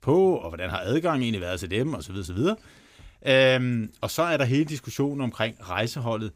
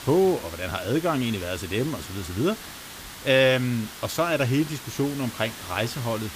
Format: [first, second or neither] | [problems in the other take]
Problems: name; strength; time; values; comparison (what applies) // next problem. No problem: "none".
first | hiss; noticeable; throughout; 10 dB below the speech